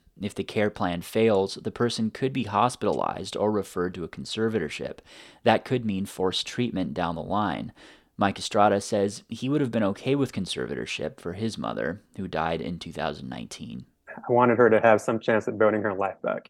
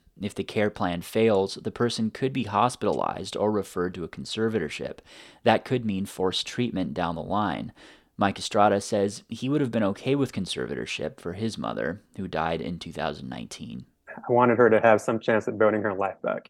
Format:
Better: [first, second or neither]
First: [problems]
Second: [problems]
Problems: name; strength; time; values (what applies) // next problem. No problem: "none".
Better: neither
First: none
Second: none